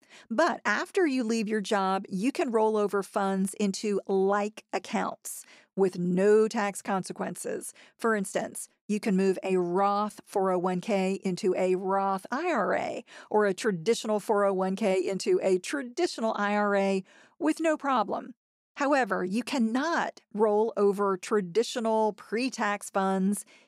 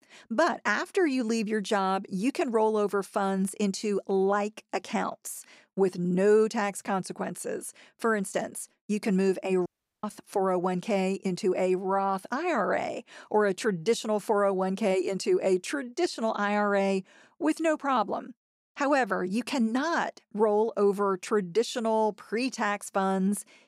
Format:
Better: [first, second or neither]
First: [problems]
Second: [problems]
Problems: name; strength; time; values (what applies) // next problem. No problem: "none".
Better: first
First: none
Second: audio cutting out; at 9.5 s